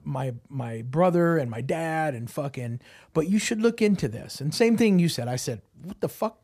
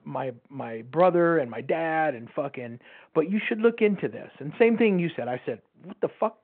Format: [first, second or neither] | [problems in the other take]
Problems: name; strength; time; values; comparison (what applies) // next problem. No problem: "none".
first | phone-call audio